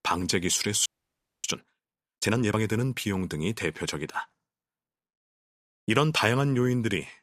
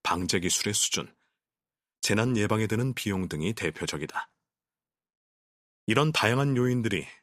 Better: second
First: audio freezing; at 1 s for 0.5 s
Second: none

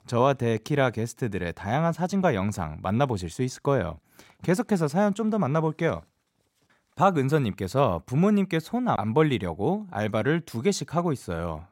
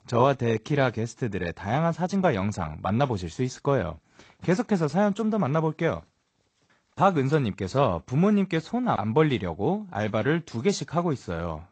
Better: first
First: none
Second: garbled, watery; slightly; nothing above 8 kHz

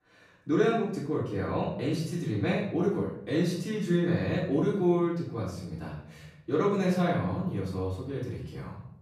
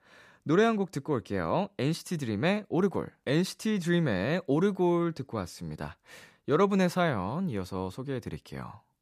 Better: second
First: off-mic speech; far // room echo; noticeable; dies away in 0.8 s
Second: none

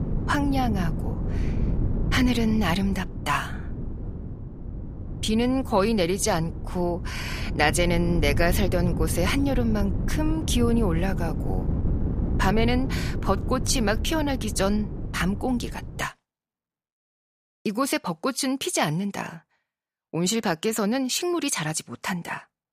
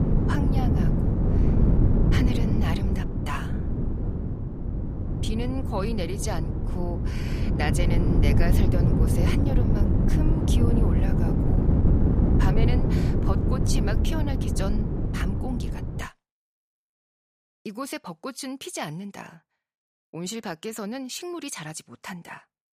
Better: first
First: wind noise on the microphone; occasional gusts; until 16 s; 15 dB below the speech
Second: wind noise on the microphone; heavy; until 16 s; 1 dB above the speech

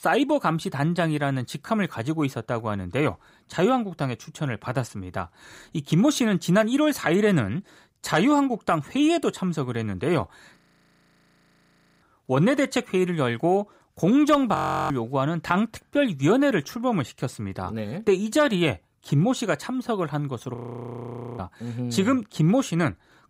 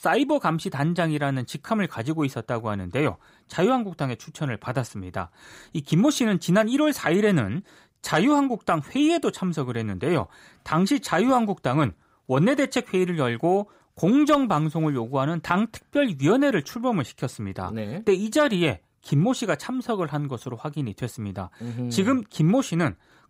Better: second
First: audio freezing; at 11 s for 1.5 s, at 15 s and at 21 s for 1 s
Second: none

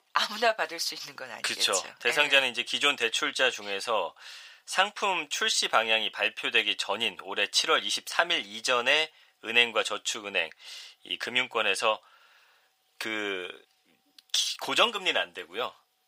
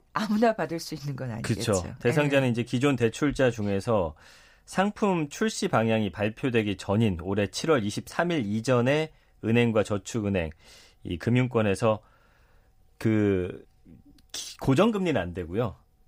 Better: second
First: thin; very; fading below 850 Hz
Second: none

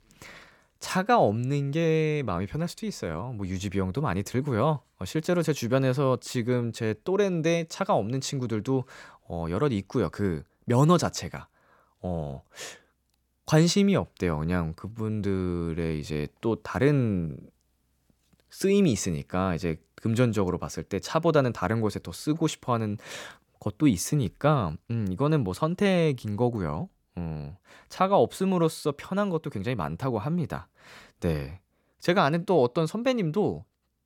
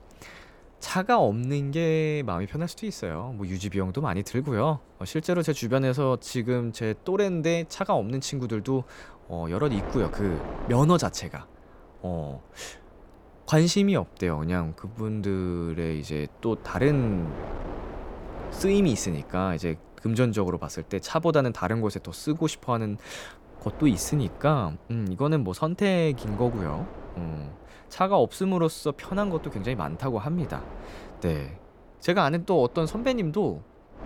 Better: first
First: none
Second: wind noise on the microphone; occasional gusts; 15 dB below the speech

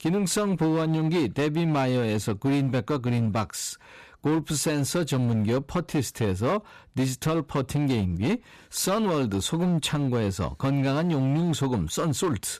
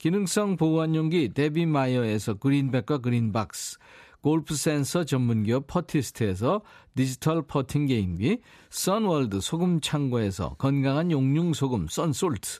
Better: second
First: distortion; slight; 15% of the sound clipped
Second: none

